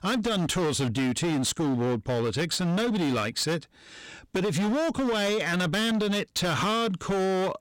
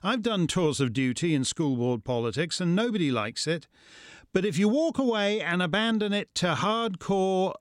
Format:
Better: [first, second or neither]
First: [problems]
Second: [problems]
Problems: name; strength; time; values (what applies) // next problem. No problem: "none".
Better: second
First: distortion; heavy; 30% of the sound clipped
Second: none